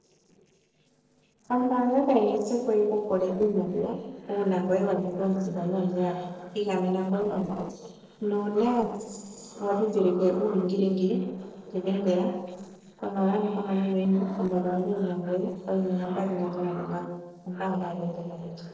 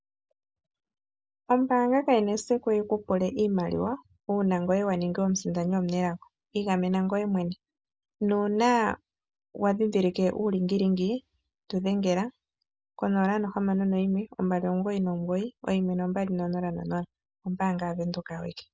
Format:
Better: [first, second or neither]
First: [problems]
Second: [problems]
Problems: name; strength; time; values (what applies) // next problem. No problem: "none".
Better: second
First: noise reduction (neural separator model SepFormer DNS4)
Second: none